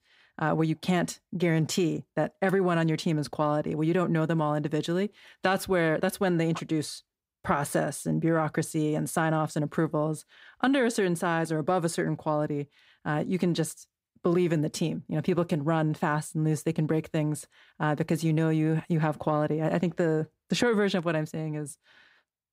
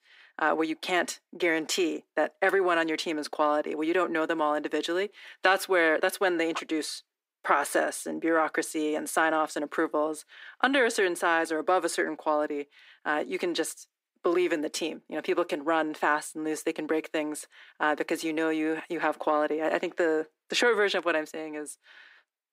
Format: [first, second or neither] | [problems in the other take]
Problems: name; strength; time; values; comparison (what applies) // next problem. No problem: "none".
first | thin; very; fading below 300 Hz